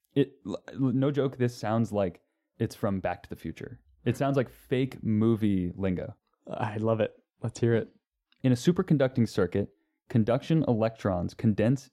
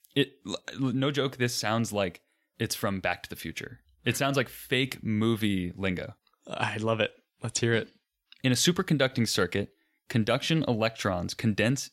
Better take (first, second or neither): second